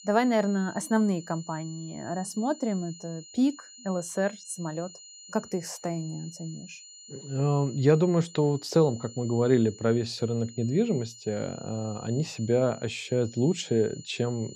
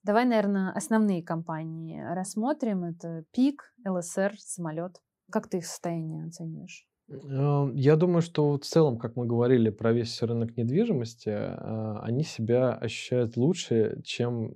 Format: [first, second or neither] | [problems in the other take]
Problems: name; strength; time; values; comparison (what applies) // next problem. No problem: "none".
second | high-pitched whine; noticeable; throughout; 7 kHz, 20 dB below the speech